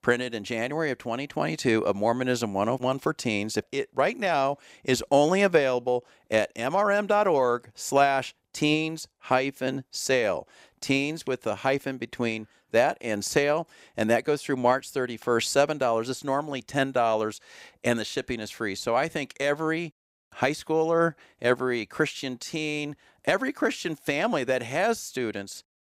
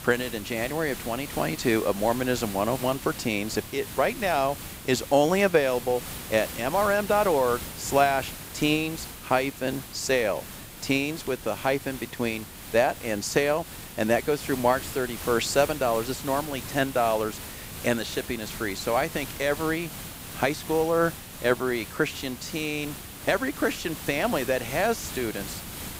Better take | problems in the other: first | hiss; noticeable; throughout; 10 dB below the speech

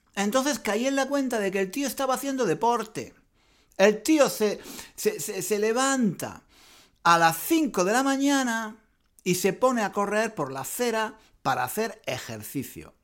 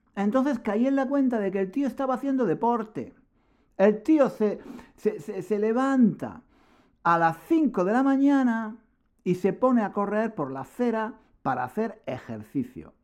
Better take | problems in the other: first | muffled; very; fading above 2.5 kHz

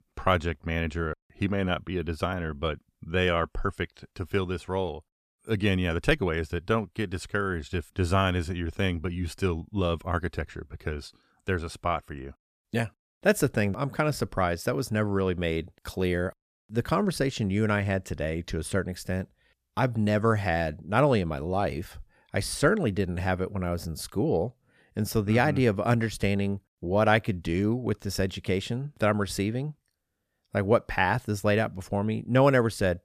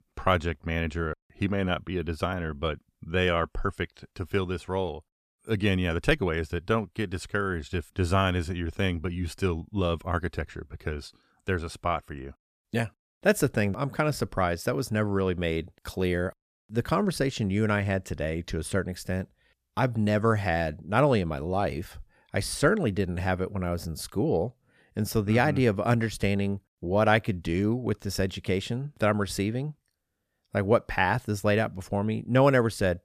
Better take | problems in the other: neither | none

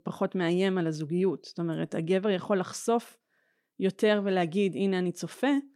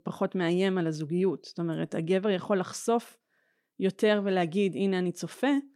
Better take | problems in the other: neither | none

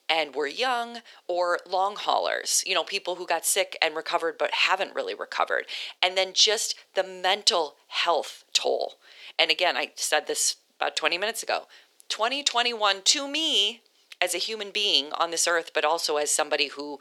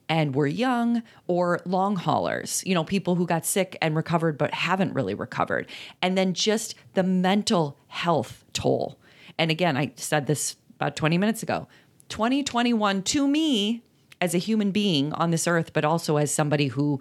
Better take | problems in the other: second | thin; very; fading below 450 Hz

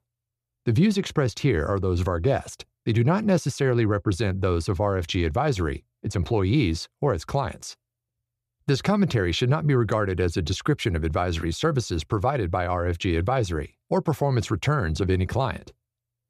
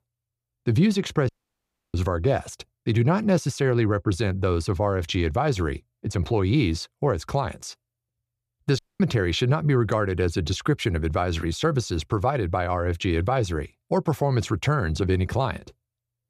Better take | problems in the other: first | audio cutting out; at 1.5 s for 0.5 s and at 9 s

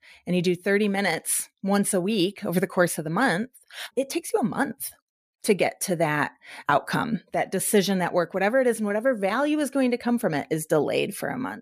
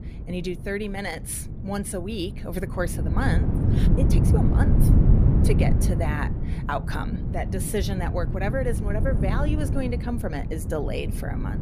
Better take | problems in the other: first | wind noise on the microphone; heavy; 3 dB below the speech

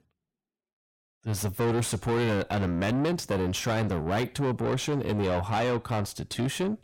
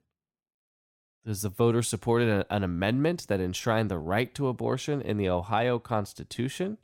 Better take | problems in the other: second | distortion; heavy; 6 dB below the speech

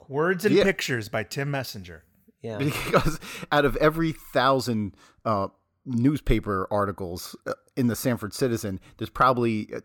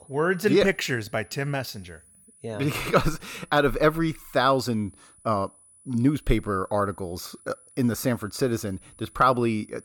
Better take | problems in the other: first | high-pitched whine; faint; throughout; 10 kHz, 25 dB below the speech

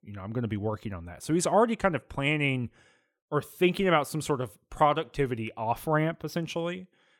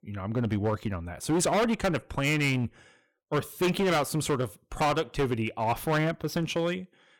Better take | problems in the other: first | distortion; heavy; 11% of the sound clipped

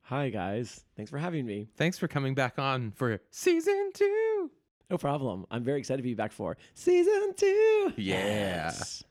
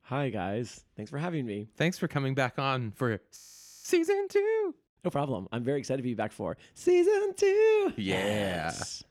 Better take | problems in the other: first | audio freezing; at 3.5 s

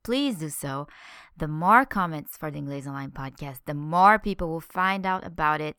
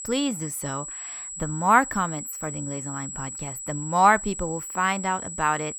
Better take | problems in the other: first | high-pitched whine; loud; throughout; 7.5 kHz, 8 dB below the speech

